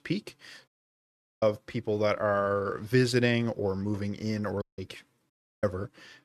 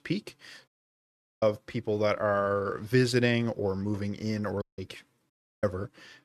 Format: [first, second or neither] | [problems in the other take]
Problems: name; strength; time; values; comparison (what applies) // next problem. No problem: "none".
neither | audio cutting out; at 0.5 s for 0.5 s, at 4.5 s and at 5.5 s; the same in both